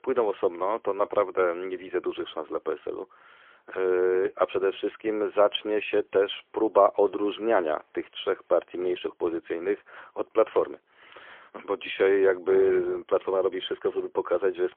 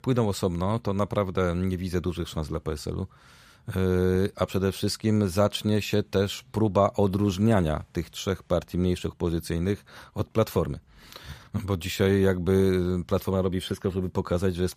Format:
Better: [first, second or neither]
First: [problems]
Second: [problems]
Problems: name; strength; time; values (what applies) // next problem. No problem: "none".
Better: second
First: phone-call audio; poor line; nothing above 3.5 kHz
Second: none